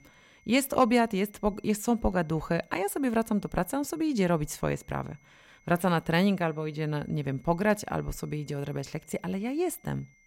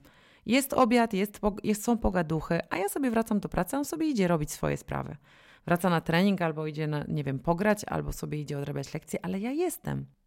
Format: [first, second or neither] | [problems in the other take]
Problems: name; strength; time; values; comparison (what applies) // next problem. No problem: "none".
second | high-pitched whine; faint; throughout; 2 kHz, 35 dB below the speech